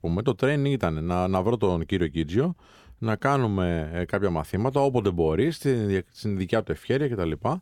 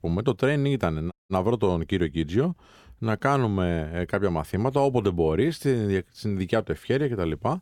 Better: first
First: none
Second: audio cutting out; at 1 s

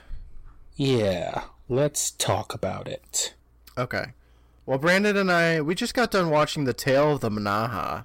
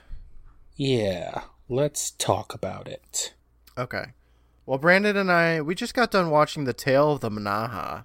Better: second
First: distortion; slight; 10 dB below the speech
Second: none

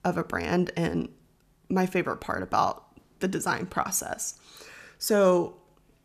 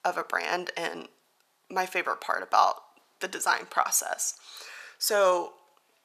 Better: first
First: none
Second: thin; very; fading below 750 Hz

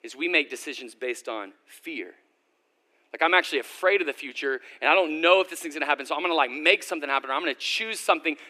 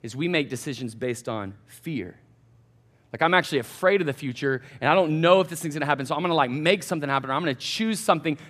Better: second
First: thin; somewhat; fading below 300 Hz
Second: none

